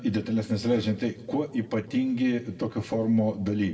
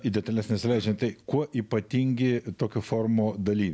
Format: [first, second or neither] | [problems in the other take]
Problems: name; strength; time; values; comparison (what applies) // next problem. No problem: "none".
second | room echo; dies away in 1.6 s